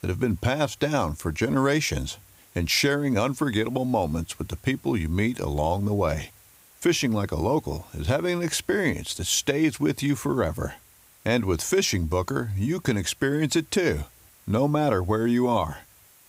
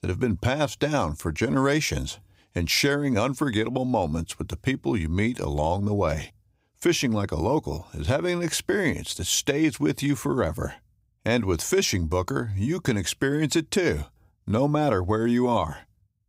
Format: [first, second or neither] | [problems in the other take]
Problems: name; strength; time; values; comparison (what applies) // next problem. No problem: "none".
second | hiss; faint; throughout; 25 dB below the speech